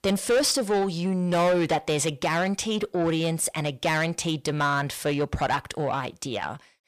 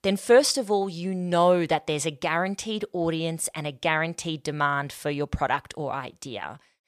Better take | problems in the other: second | distortion; heavy; 7 dB below the speech

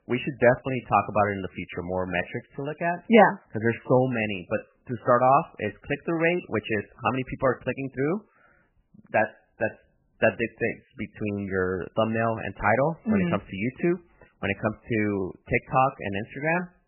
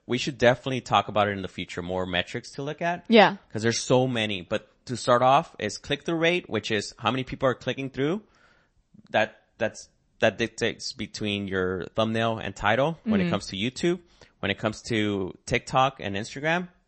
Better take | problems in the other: second | garbled, watery; badly; nothing above 3 kHz; slightly in the second

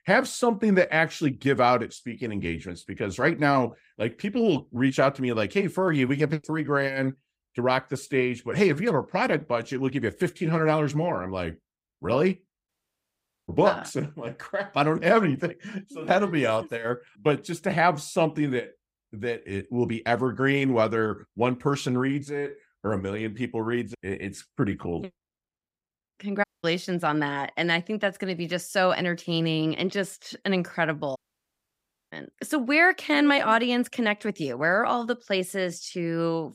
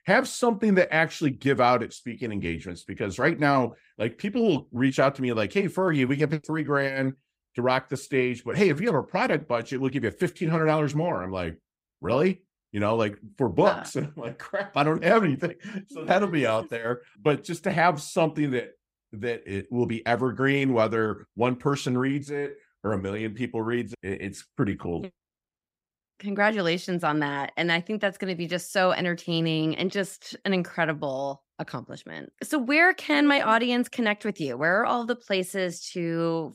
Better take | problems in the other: second | audio cutting out; at 13 s for 1 s, at 26 s and at 31 s for 1 s

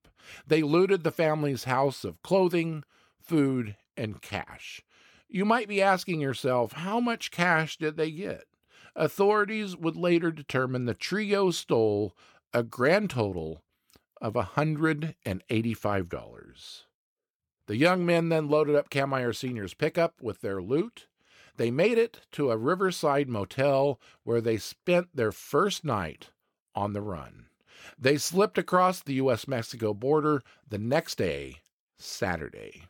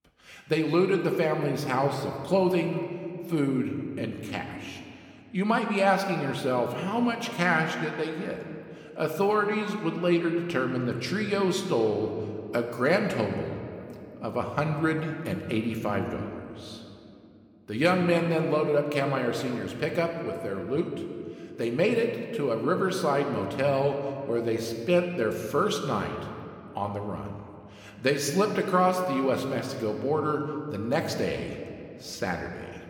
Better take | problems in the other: first | room echo; slight; dies away in 1.9 s

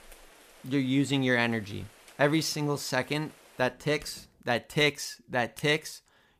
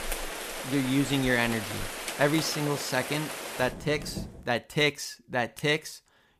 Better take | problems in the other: first | rain or running water; loud; until 4.5 s; 7 dB below the speech; faint in the first

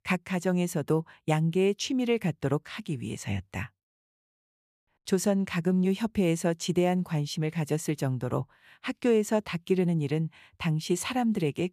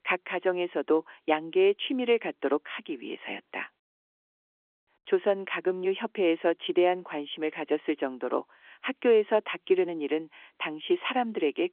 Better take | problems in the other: first | phone-call audio; nothing above 3.5 kHz

